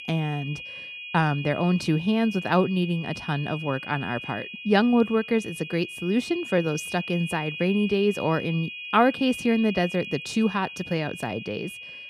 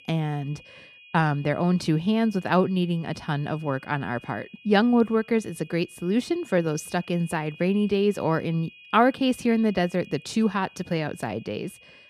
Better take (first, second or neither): second